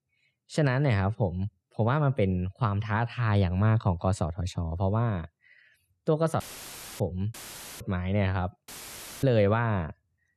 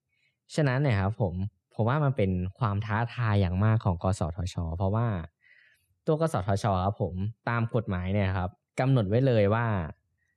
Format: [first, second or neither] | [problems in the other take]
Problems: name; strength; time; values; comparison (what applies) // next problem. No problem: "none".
second | audio cutting out; filled with static; at 6.5 s for 0.5 s, at 7.5 s and at 8.5 s for 0.5 s